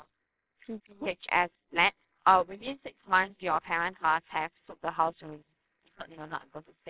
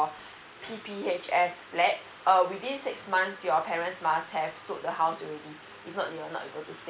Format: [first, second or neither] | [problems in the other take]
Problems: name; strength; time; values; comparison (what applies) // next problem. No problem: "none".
second | noise reduction (neural separator model SepFormer WHAMR!)